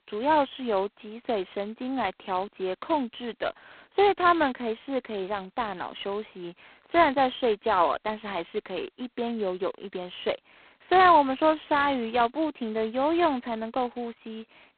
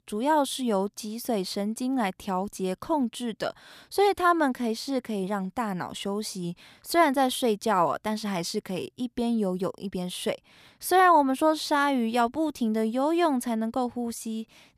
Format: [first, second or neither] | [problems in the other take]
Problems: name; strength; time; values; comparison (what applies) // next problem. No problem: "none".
second | phone-call audio; poor line; nothing above 4 kHz